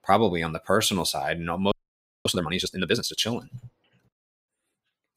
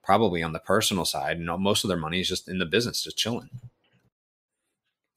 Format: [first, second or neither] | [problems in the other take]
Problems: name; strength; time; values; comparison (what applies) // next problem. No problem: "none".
second | audio freezing; at 1.5 s for 0.5 s